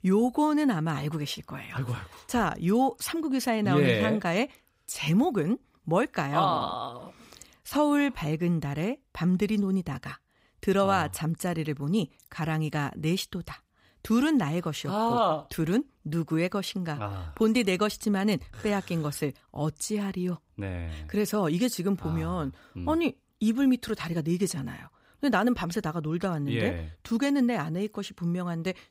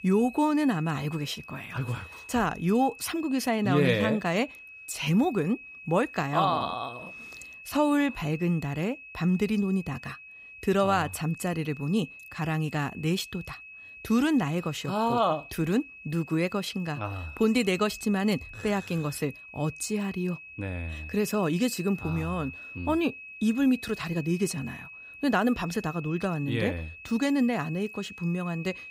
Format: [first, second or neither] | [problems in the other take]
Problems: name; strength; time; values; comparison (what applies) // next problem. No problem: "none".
first | high-pitched whine; noticeable; throughout; 2.5 kHz, 15 dB below the speech